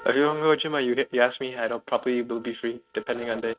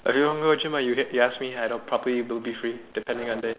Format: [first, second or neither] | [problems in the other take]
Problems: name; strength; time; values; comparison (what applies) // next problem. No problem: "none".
second | noise reduction (neural mask model RNNoise)